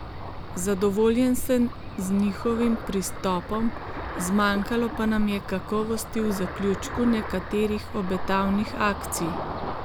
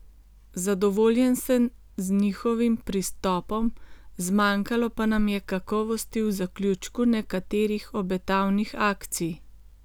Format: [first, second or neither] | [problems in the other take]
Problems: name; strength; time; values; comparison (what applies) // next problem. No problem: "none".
second | background sound (Ocean); 8 dB below the speech